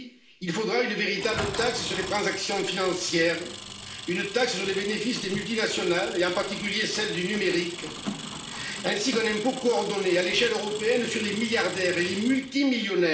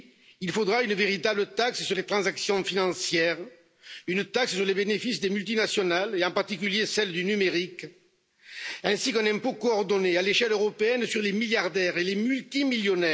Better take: second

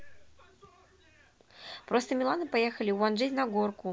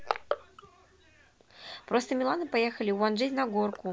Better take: first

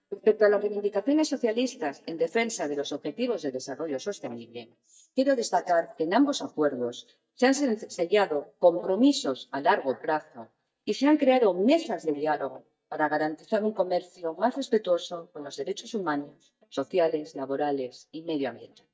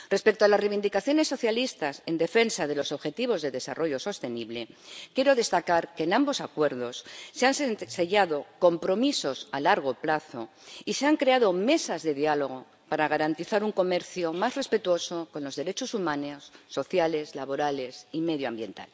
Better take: second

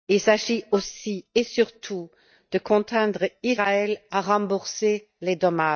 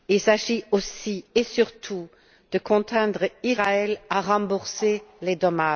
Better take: second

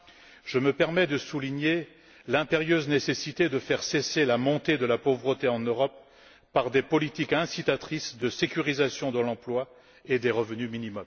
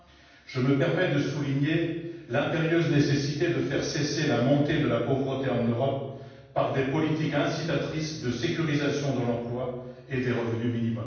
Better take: first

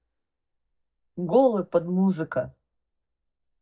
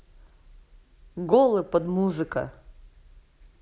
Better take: second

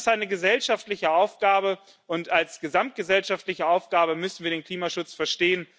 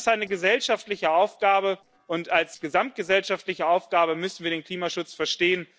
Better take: first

